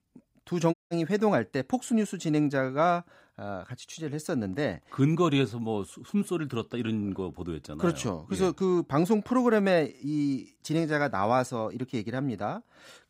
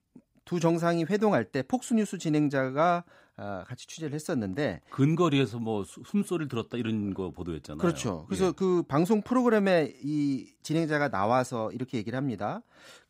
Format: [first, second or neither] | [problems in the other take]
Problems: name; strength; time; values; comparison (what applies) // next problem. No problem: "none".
second | audio cutting out; at 0.5 s